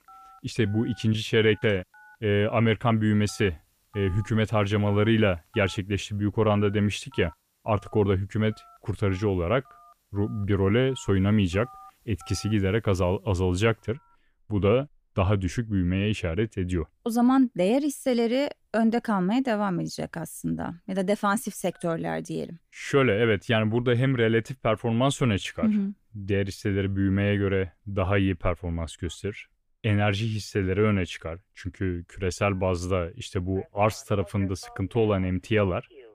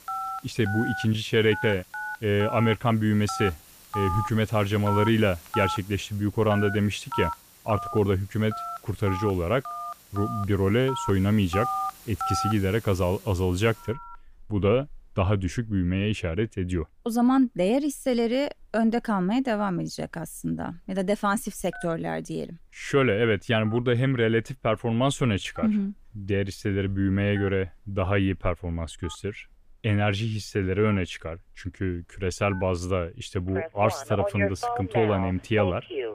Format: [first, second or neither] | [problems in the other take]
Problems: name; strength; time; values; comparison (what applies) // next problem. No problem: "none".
first | alarms or sirens; loud; throughout; 8 dB below the speech; faint in the first